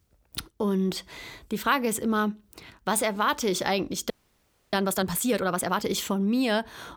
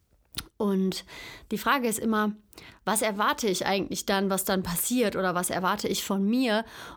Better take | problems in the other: second | audio freezing; at 4 s for 0.5 s

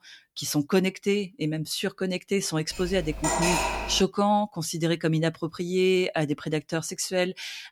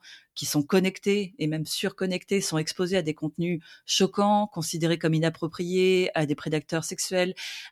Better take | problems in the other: second | clattering dishes; loud; from 2.5 to 4 s; peak 3 dB above the speech

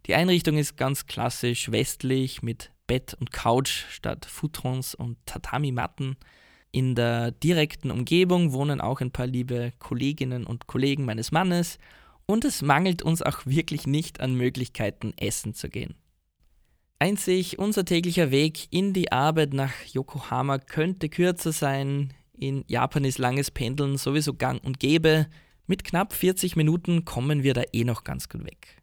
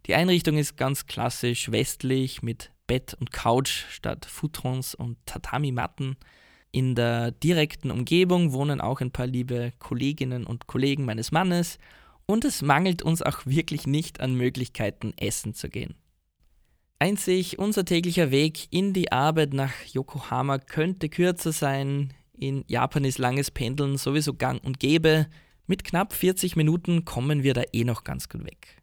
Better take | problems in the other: neither | none

